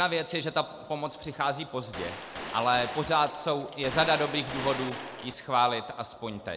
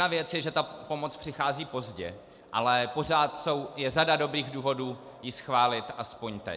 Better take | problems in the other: second | background sound (Gunshot, gunfire); 9 dB below the speech

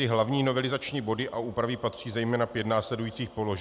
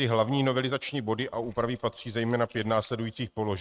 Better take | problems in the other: first | noise reduction (neural mask model RNNoise)

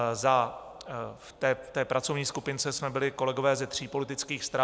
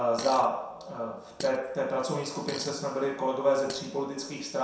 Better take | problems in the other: first | background sound (Fart); 16 dB below the speech // room echo; dies away in 0.7 s

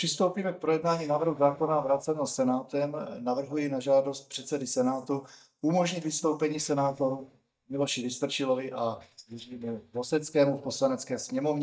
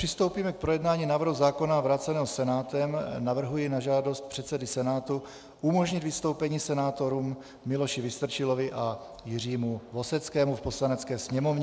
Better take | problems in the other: second | noise reduction (neural mask model DeepFilterNet 3)

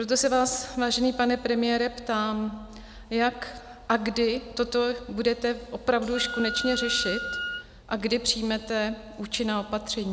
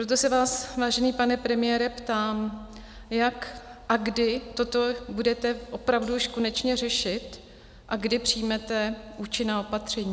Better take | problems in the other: second | background sound (Wind instrument, woodwind instrument); 7 dB below the speech

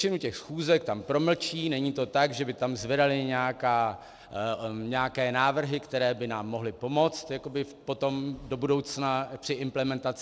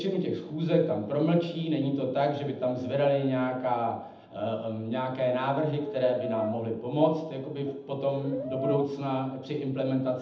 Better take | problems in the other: first | background sound (Brass instrument); 8 dB below the speech // room echo; dies away in 0.8 s

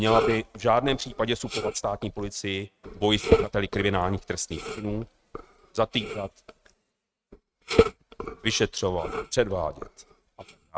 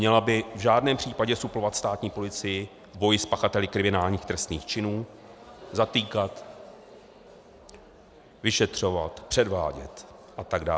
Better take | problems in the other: second | noise reduction (neural mask model RNNoise)

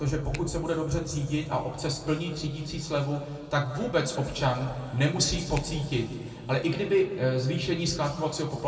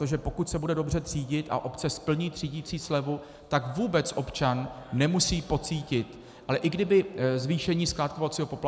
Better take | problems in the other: second | background sound (Finger snapping); 17 dB below the speech // room echo; dies away in 1.9 s

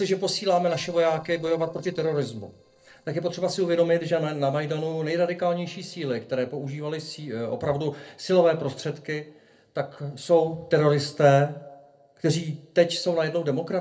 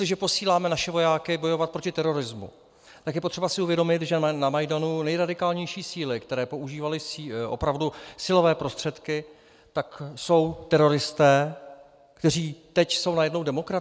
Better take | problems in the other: second | noise reduction (neural separator model SepFormer DNS4)

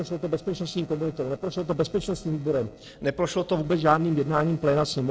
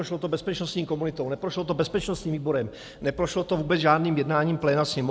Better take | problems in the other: second | noise reduction (neural separator model SepFormer DNS4)

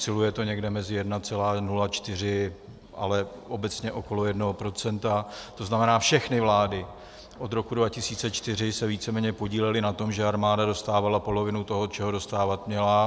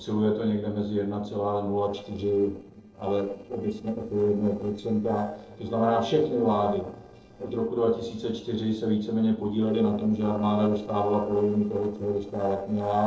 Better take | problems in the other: first | noise reduction (neural separator model SepFormer DNS4)

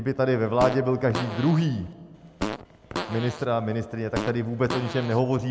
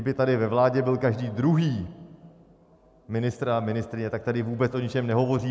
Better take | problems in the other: second | background sound (Fart); 9 dB below the speech

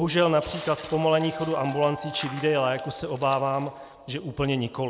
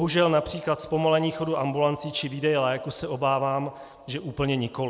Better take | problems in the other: second | background sound (Wind instrument, woodwind instrument + Tearing); 16 dB below the speech

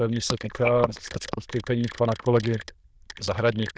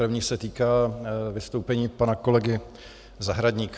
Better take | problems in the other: second | noise reduction (neural diffusion model UNIVERSE++)

